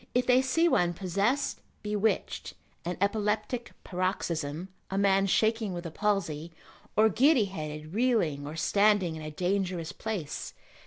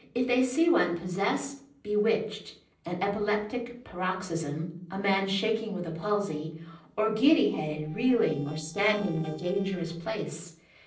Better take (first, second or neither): first